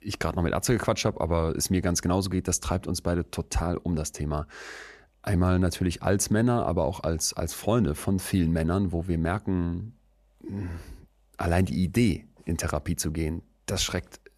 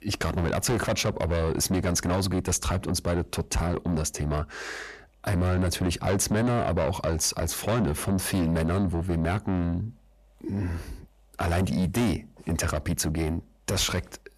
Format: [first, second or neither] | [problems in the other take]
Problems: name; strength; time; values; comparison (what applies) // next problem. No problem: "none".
first | distortion; heavy; 6 dB below the speech